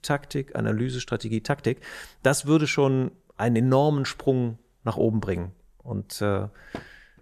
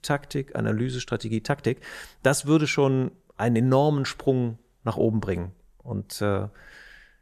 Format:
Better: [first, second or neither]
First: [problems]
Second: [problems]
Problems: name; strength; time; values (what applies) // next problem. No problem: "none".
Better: second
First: door banging; faint; at 6.5 s; peak 15 dB below the speech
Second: none